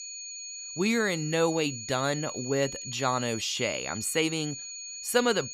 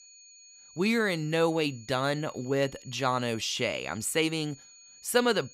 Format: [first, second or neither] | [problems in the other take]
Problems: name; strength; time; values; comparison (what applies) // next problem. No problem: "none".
second | high-pitched whine; loud; throughout; 6.5 kHz, 8 dB below the speech; faint in the second